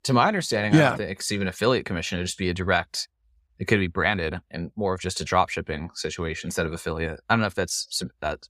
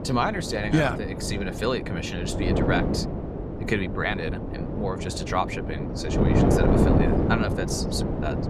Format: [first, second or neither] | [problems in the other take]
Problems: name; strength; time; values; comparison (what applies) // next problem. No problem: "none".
first | wind noise on the microphone; heavy; 2 dB below the speech